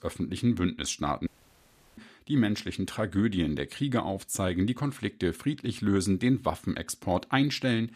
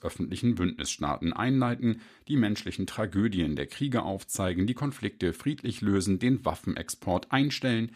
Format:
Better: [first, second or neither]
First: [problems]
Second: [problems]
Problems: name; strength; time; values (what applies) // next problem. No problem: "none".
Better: second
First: audio cutting out; at 1.5 s for 0.5 s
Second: none